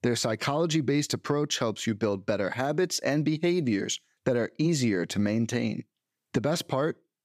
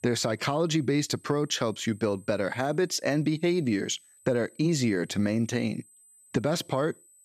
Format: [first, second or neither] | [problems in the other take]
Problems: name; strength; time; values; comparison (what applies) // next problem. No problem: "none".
first | high-pitched whine; faint; throughout; 8 kHz, 25 dB below the speech